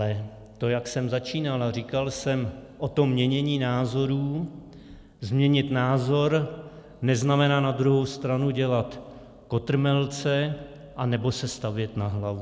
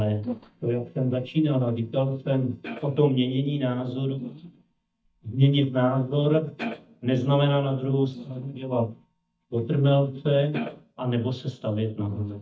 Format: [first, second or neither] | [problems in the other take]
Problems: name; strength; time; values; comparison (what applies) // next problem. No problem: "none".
first | noise reduction (neural mask model DeepFilterNet 3)